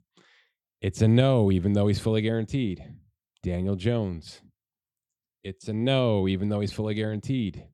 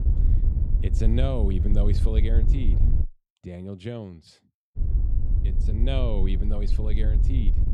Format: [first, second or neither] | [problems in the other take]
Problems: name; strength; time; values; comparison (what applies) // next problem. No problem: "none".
first | wind noise on the microphone; heavy; until 3 s and from 5 s on; 7 dB below the speech